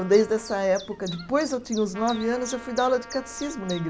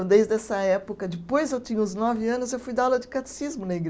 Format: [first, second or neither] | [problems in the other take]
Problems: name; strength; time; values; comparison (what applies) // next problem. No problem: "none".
second | background sound (Trumpet + Chirp, tweet); 16 dB below the speech